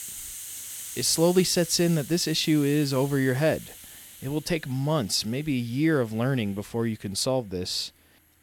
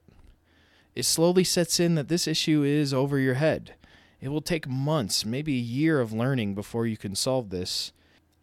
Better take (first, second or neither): second